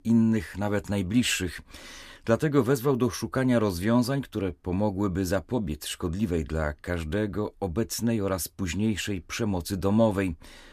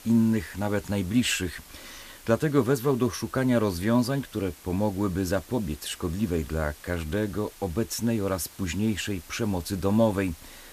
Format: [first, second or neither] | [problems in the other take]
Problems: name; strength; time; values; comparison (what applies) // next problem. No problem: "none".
first | hiss; noticeable; throughout; 20 dB below the speech